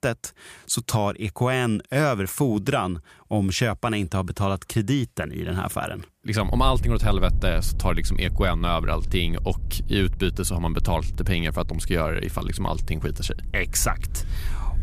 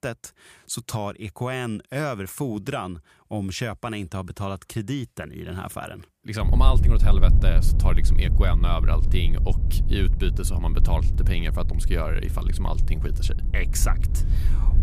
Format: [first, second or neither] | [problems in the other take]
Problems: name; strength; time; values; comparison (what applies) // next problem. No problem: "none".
first | low rumble; loud; from 6.5 s on; 10 dB below the speech; faint in the first